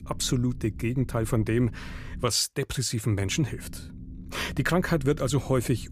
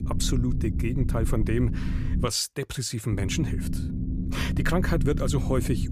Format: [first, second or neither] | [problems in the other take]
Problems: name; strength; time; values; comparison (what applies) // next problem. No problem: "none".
first | low rumble; loud; until 2.5 s and from 3 s on; 9 dB below the speech; faint in the first